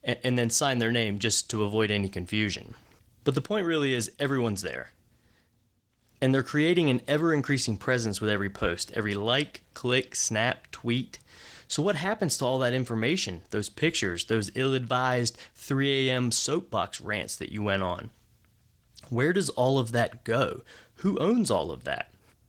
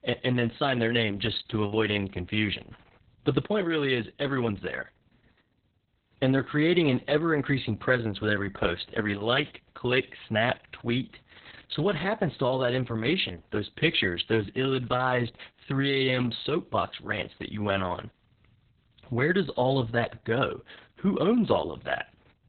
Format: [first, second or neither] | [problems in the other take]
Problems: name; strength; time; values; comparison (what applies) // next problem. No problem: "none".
first | garbled, watery; badly; nothing above 4 kHz; slightly in the first